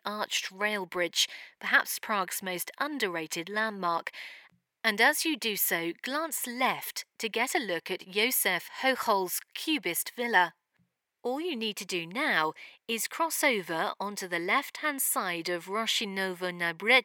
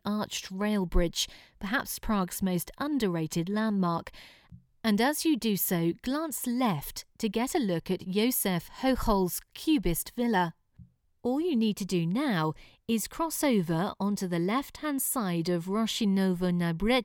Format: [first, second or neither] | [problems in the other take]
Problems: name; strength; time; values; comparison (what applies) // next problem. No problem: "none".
second | thin; very; fading below 450 Hz